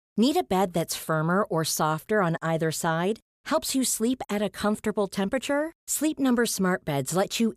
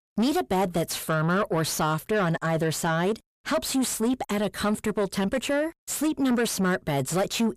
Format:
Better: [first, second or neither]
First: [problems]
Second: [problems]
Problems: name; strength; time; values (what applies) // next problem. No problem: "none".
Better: first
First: none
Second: distortion; slight; 10 dB below the speech